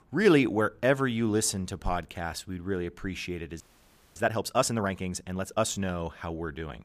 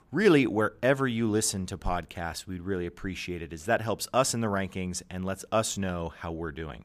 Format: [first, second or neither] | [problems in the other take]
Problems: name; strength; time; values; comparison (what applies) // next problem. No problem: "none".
second | audio freezing; at 3.5 s for 0.5 s